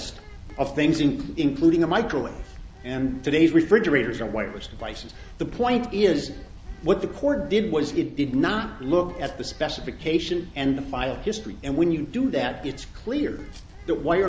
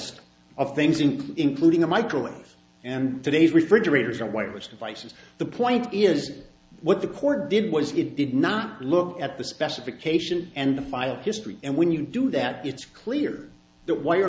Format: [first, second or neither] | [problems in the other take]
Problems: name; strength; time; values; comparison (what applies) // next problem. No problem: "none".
second | background sound (Bird); 16 dB below the speech